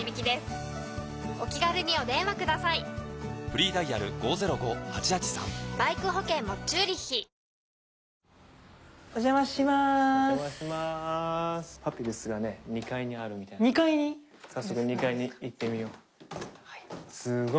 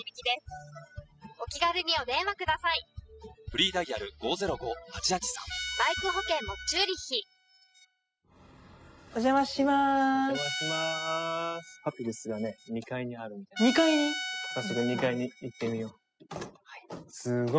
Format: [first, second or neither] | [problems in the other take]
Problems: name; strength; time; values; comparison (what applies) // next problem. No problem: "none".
first | noise reduction (classical method spectral subtraction)